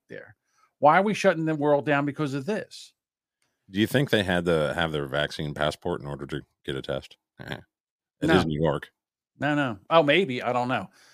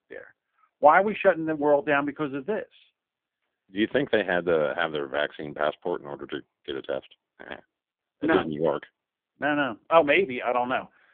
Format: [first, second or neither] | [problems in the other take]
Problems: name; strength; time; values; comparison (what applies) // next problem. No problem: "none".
first | phone-call audio; poor line; nothing above 3.5 kHz